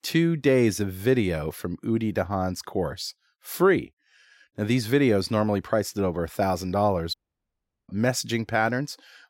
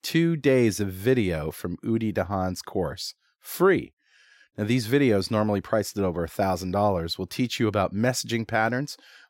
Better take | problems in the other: second | audio cutting out; at 7 s for 0.5 s

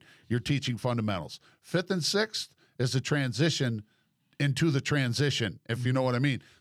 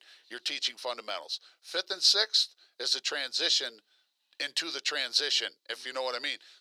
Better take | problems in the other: first | thin; very; fading below 450 Hz

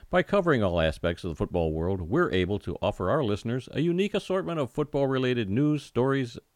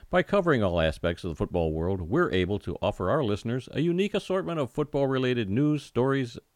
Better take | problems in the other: neither | none

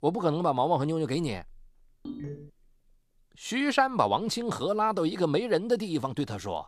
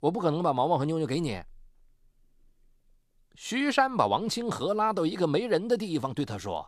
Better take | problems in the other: second | phone ringing; faint; at 2 s; peak 10 dB below the speech

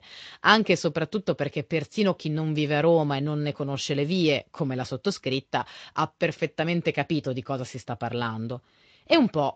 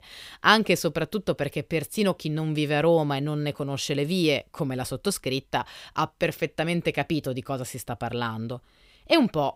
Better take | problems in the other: second | garbled, watery; slightly; nothing above 7.5 kHz

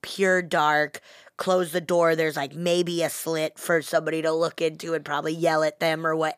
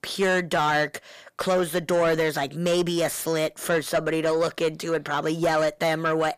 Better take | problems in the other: first | distortion; slight; 10 dB below the speech

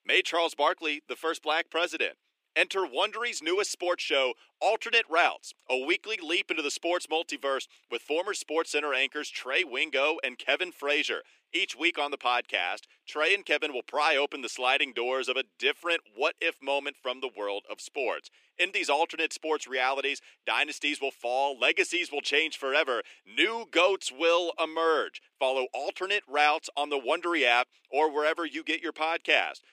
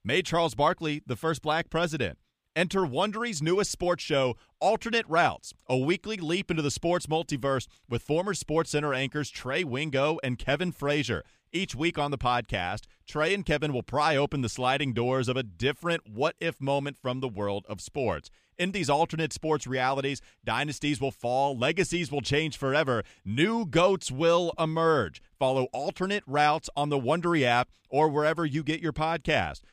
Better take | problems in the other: second | thin; somewhat; fading below 300 Hz

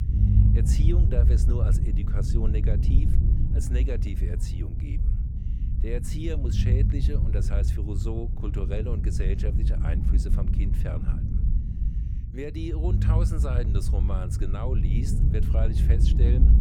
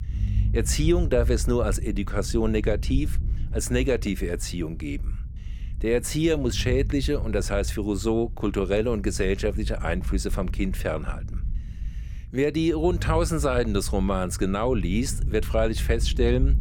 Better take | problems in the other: second | low rumble; loud; throughout; 2 dB below the speech; faint in the second

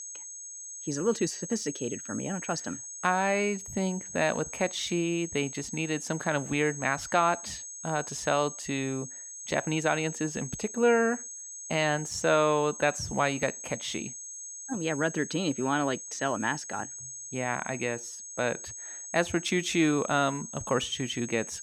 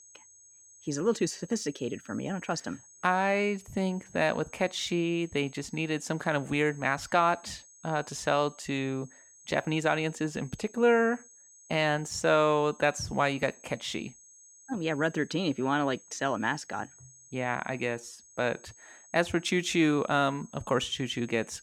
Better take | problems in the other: second | high-pitched whine; loud; throughout; 6.5 kHz, 9 dB below the speech; faint in the second

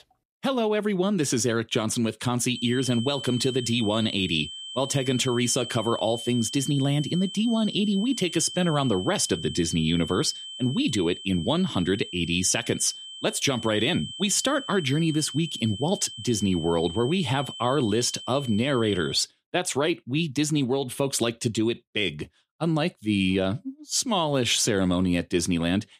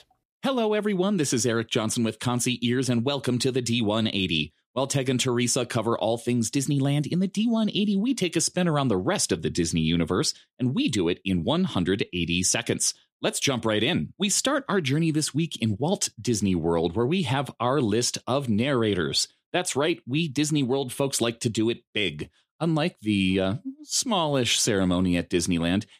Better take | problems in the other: second | high-pitched whine; noticeable; from 2.5 to 19 s; 3 kHz, 10 dB below the speech

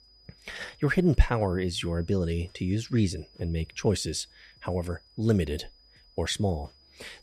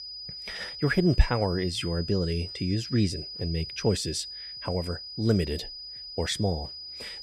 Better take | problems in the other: first | high-pitched whine; loud; throughout; 5 kHz, 9 dB below the speech; faint in the first

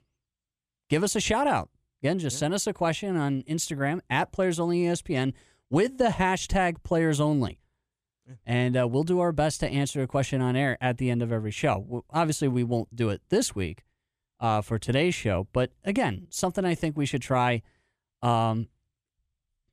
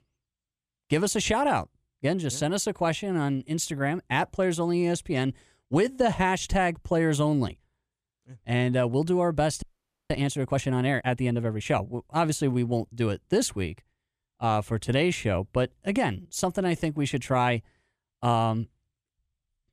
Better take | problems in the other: first | audio freezing; at 9.5 s

